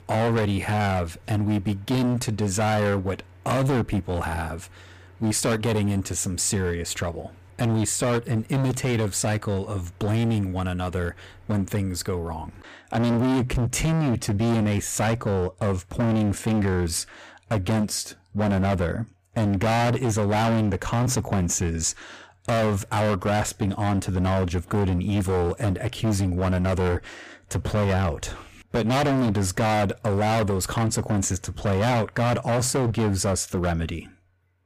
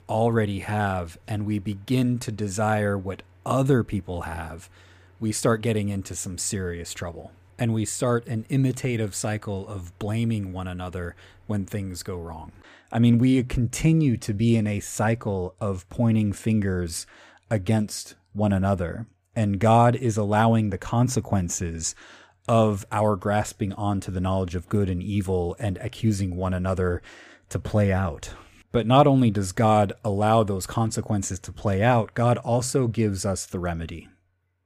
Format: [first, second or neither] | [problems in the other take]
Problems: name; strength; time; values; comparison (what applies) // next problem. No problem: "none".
second | distortion; heavy; 24% of the sound clipped